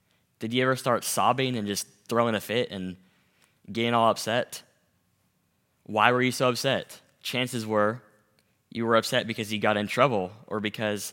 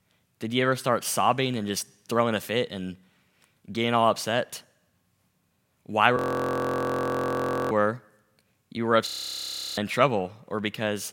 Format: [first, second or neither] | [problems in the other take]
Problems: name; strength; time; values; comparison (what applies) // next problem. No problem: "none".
first | audio freezing; at 6 s for 1.5 s and at 9 s for 0.5 s